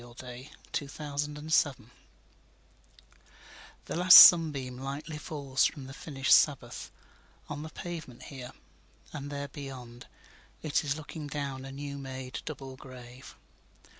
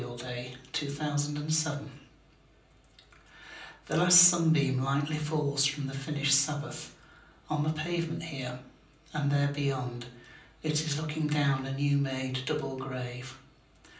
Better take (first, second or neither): first